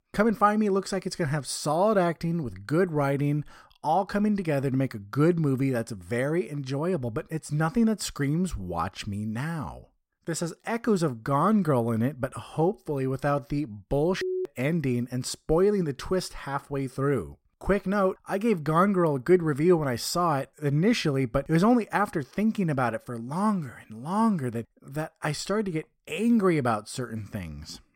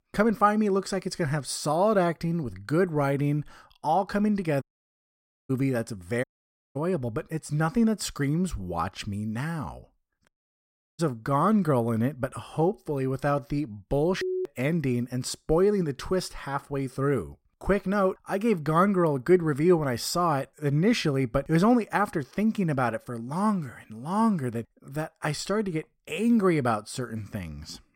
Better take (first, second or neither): first